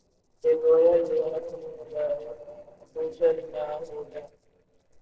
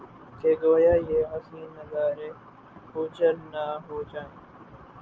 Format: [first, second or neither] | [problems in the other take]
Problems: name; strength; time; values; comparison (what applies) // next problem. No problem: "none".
second | noise reduction (neural separator model SepFormer DNS4)